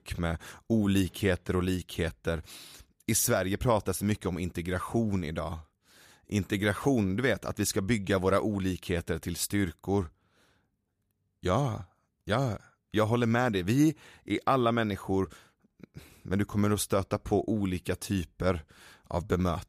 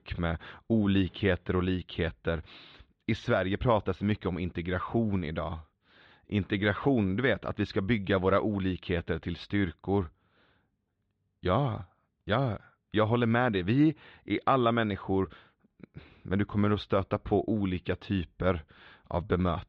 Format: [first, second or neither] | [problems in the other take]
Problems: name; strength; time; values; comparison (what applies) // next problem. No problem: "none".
first | muffled; very; fading above 3.5 kHz